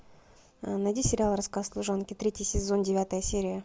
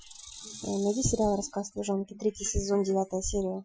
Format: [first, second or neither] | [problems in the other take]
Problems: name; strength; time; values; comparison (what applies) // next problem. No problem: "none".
first | noise reduction (classical method Wiener filter)